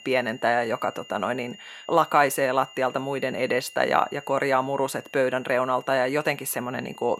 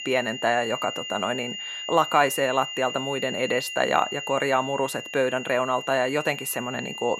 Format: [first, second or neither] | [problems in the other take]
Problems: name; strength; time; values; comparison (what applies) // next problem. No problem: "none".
first | high-pitched whine; loud; throughout; 3 kHz, 8 dB below the speech; faint in the first